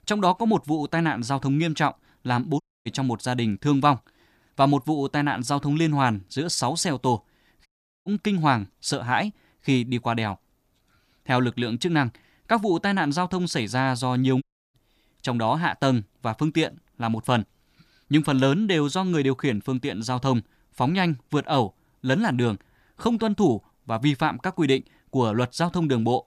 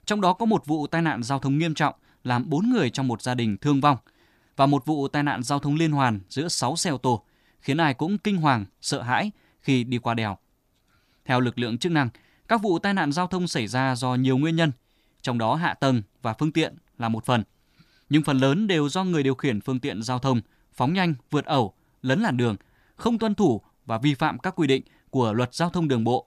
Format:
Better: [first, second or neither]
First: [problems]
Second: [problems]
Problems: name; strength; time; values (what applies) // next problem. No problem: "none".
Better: second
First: audio cutting out; at 2.5 s, at 7.5 s and at 14 s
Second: none